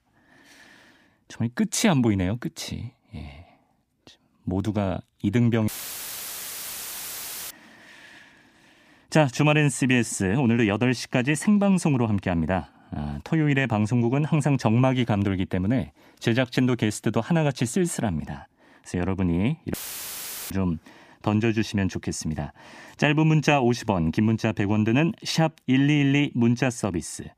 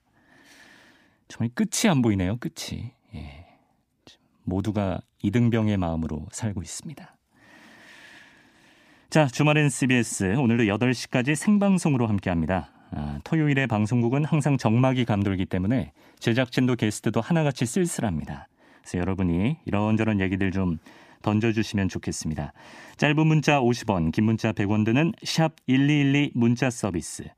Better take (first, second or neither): second